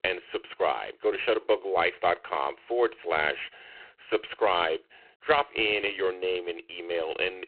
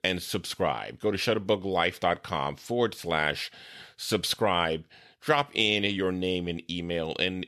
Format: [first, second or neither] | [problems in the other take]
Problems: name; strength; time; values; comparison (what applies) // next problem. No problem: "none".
second | phone-call audio; poor line